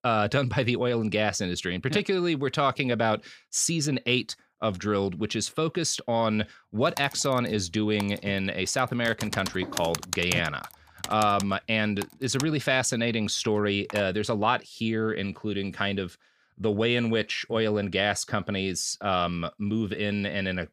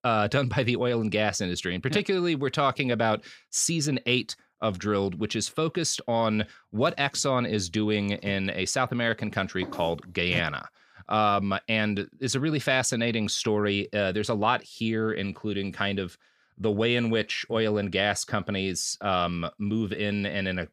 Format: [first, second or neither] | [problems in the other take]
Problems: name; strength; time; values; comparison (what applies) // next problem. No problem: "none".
second | keyboard typing; noticeable; from 7 to 14 s; peak 6 dB below the speech